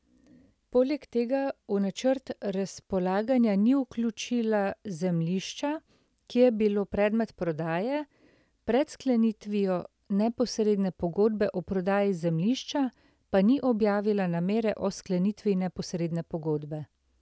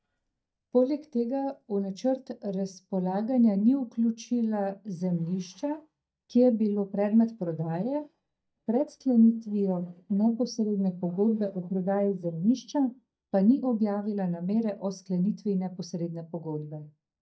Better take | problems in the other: first | noise reduction (neural mask model DeepFilterNet 3)

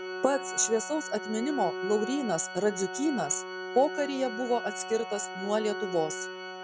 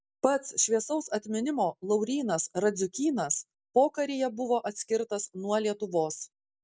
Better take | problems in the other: second | background sound (Organ); 8 dB below the speech

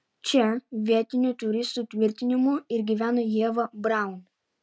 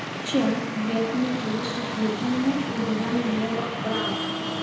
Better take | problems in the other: first | background sound (Traffic noise, roadway noise); 3 dB below the speech // room echo; dies away in 1 s

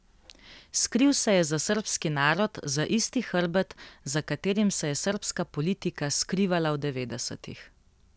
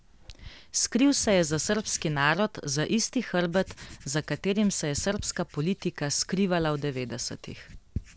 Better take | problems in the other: first | background sound (Writing); 18 dB below the speech

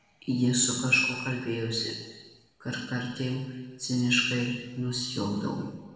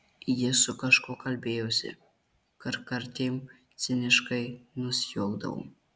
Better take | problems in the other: second | room echo; dies away in 1.2 s

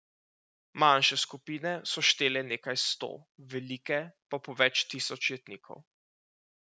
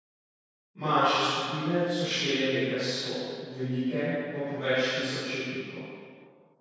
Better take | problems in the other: first | room echo; dies away in 2 s

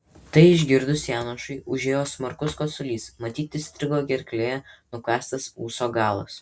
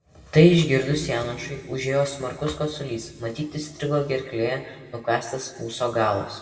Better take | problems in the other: first | room echo; dies away in 1.8 s

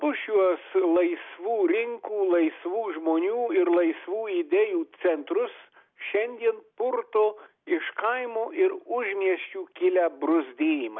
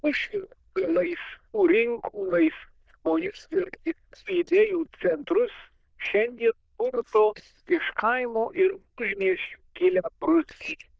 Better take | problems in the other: first | noise reduction (neural diffusion model UNIVERSE++)

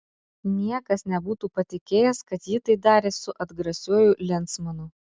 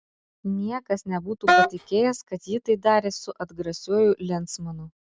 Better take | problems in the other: first | background sound (Wind instrument, woodwind instrument); 5 dB above the speech

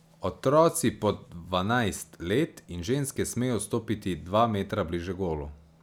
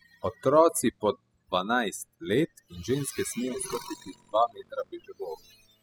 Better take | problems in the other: first | noise reduction (classical method spectral subtraction)

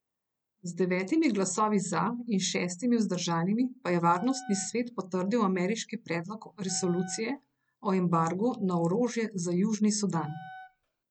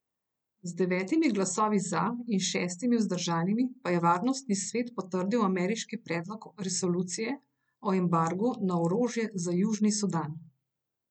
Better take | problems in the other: second | background sound (Wind instrument, woodwind instrument); 19 dB below the speech

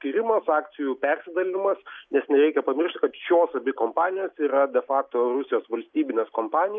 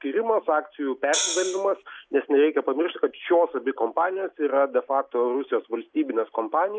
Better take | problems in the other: first | background sound (Hi-hat); 4 dB below the speech

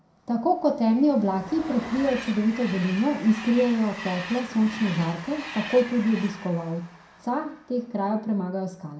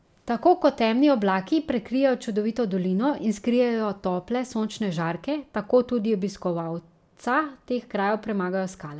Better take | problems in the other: second | background sound (Train); 15 dB below the speech // room echo; dies away in 0.4 s

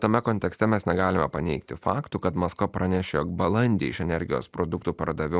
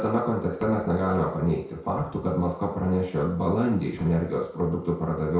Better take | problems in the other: first | noise reduction (neural separator model SepFormer DNS4)

